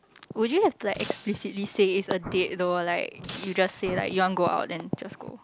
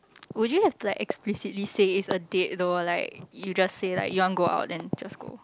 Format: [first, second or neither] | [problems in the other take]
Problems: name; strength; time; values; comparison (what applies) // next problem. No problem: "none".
second | background sound (Explosion + Shatter); 16 dB below the speech